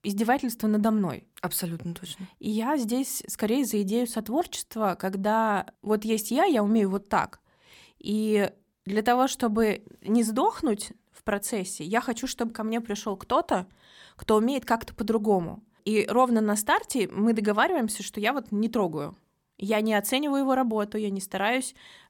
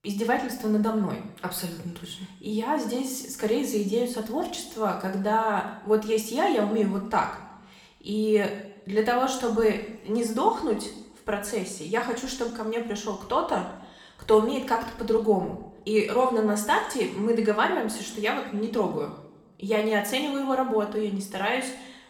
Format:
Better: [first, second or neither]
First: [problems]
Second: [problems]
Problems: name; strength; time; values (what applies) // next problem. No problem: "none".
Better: first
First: none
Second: room echo; slight; dies away in 0.8 s // off-mic speech; somewhat distant